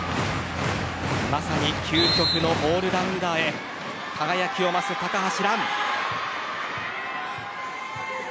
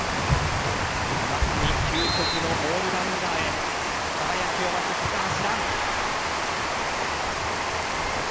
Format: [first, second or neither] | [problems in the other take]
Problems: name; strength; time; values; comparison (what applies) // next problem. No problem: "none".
first | background sound (Water); 5 dB above the speech